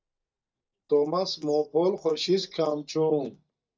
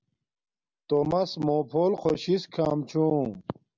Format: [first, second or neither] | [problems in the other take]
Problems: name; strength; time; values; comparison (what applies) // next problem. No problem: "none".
second | noise reduction (neural mask model DeepFilterNet 3)